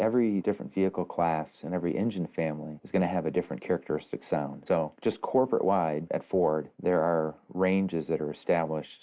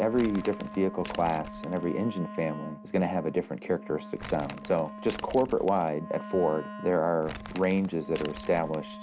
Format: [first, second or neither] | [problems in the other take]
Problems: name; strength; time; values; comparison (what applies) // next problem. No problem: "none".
first | background sound (Wind instrument, woodwind instrument + Crumpling, crinkling); 12 dB below the speech